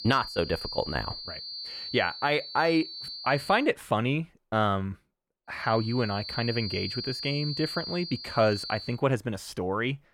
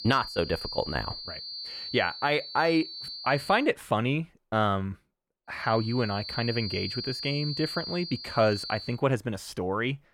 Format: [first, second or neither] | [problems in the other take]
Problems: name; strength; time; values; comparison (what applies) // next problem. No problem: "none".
neither | high-pitched whine; loud; until 3.5 s and from 5.5 to 9 s; 4.5 kHz, 7 dB below the speech; the same in both